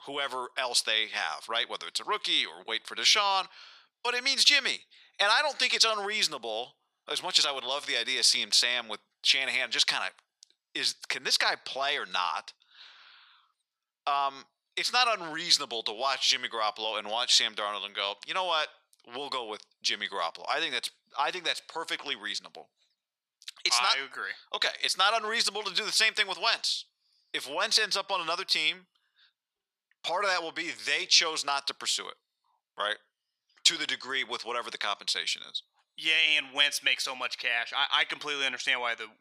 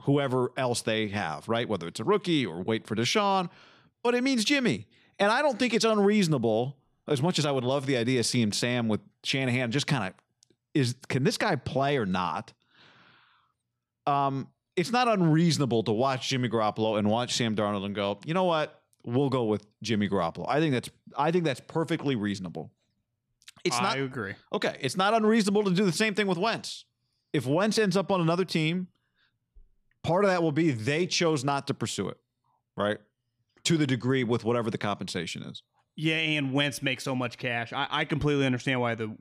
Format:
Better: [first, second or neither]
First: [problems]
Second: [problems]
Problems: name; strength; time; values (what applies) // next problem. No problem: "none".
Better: second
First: thin; very; fading below 1 kHz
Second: none